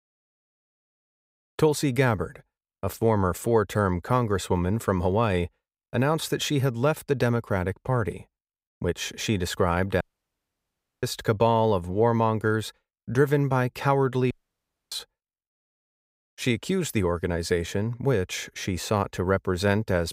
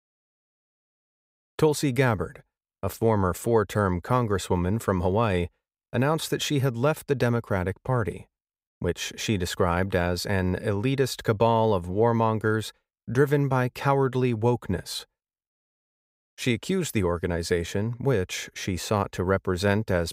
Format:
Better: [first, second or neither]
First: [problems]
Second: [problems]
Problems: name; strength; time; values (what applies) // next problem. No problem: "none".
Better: second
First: audio cutting out; at 10 s for 1 s and at 14 s for 0.5 s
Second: none